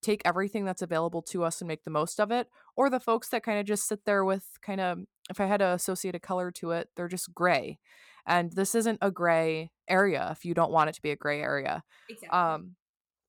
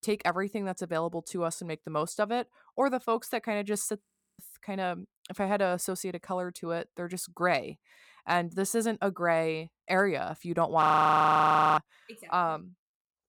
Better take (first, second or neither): first